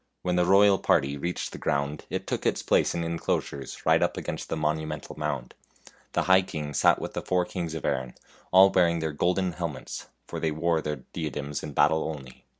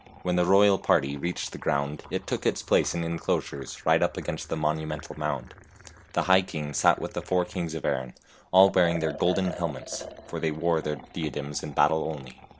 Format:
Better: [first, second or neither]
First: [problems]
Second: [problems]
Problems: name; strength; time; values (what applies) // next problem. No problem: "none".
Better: first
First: none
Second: background sound (Liquid); 17 dB below the speech